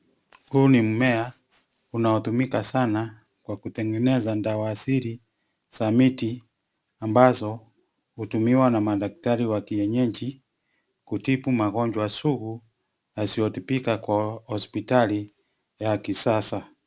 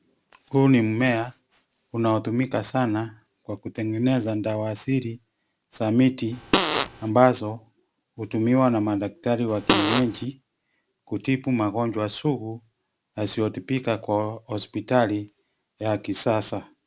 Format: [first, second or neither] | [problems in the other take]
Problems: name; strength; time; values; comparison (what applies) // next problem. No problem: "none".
first | background sound (Fart); as loud as the speech